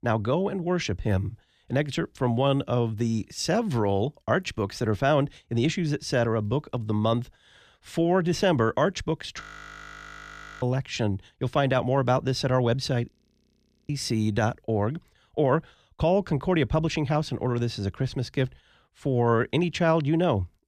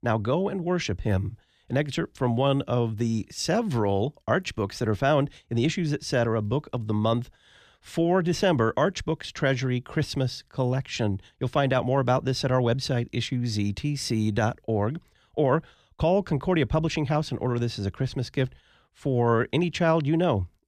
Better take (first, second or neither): second